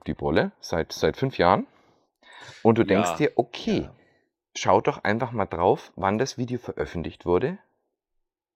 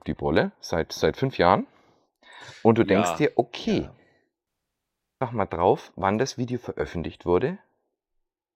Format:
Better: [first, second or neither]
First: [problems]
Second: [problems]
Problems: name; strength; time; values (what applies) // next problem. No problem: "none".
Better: first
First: none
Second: audio cutting out; at 4.5 s for 0.5 s